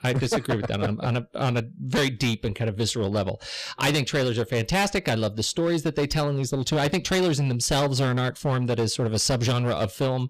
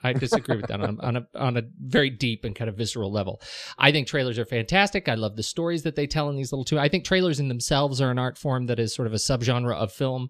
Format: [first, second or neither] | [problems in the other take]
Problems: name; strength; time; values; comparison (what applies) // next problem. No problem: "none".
second | distortion; heavy; 14% of the sound clipped